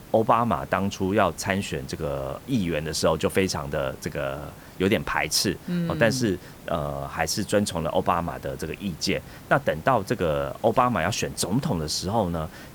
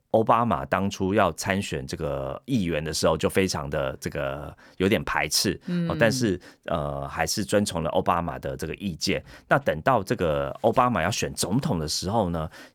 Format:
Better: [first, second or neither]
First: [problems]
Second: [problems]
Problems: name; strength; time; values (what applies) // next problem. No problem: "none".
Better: second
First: hiss; noticeable; throughout; 20 dB below the speech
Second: none